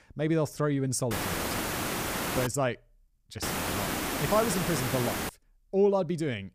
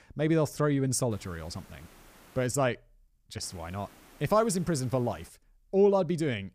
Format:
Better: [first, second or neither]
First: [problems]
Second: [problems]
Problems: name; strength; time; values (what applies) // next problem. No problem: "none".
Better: second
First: hiss; loud; from 1 to 2.5 s and from 3.5 to 5.5 s; 2 dB below the speech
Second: hiss; faint; from 1 to 2.5 s and from 3.5 to 5.5 s; 25 dB below the speech